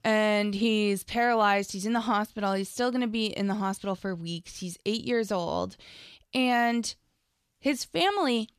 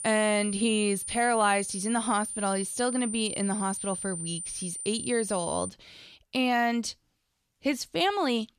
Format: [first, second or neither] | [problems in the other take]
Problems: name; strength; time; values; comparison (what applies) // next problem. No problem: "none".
first | high-pitched whine; loud; until 5.5 s; 9 kHz, 5 dB below the speech